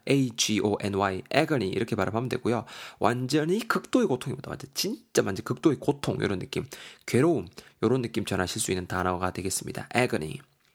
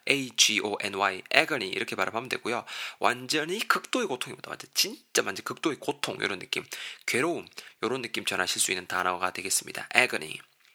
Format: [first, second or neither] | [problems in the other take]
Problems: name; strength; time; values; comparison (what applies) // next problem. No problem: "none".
first | thin; somewhat; fading below 1 kHz